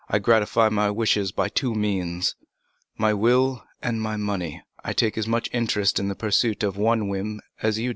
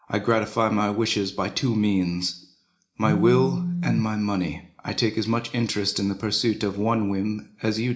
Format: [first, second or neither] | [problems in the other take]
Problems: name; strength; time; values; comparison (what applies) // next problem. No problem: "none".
first | background sound (Telephone); 2 dB below the speech // room echo; dies away in 0.4 s